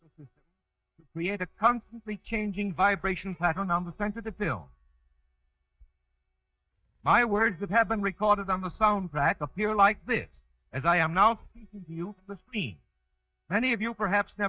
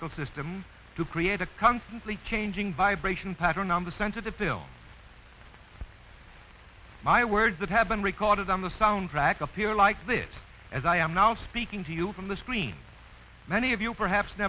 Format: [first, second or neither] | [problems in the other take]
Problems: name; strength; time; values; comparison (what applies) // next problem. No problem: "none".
second | noise reduction (neural mask model DeepFilterNet 3)